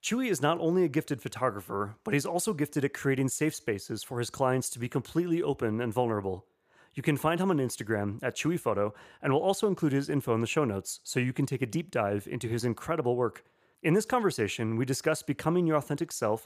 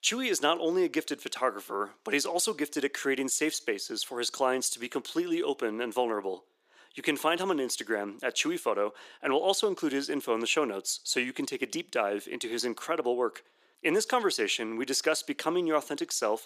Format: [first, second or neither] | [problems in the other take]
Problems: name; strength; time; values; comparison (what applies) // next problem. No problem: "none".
first | thin; very slightly; fading below 250 Hz